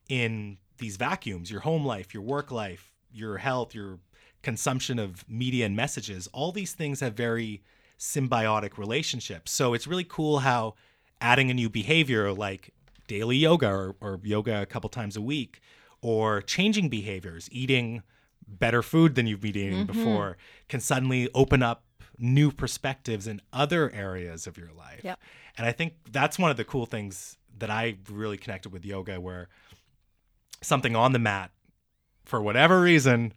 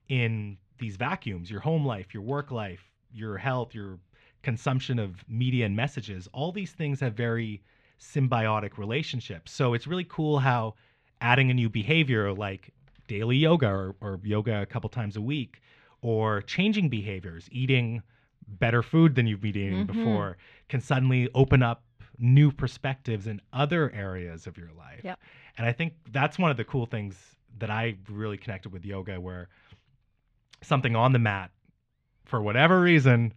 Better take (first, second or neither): first